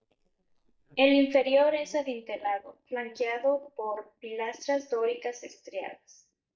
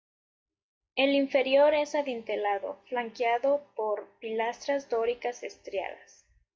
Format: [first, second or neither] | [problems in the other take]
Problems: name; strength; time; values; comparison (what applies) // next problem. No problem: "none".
second | noise reduction (neural mask model DeepFilterNet 3)